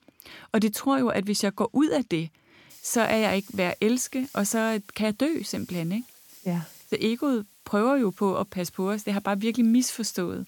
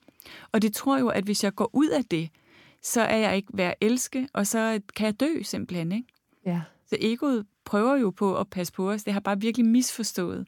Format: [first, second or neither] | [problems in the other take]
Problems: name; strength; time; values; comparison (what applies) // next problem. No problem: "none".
second | hiss; faint; from 2.5 s on; 25 dB below the speech